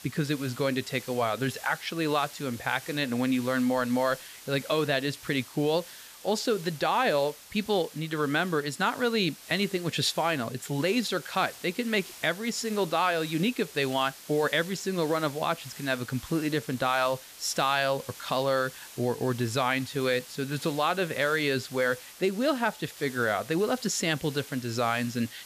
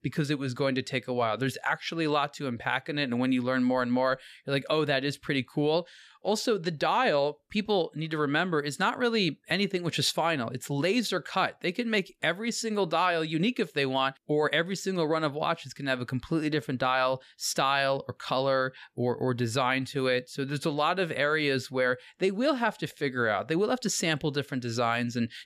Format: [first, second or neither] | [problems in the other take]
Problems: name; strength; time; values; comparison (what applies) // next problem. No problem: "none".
second | hiss; noticeable; throughout; 15 dB below the speech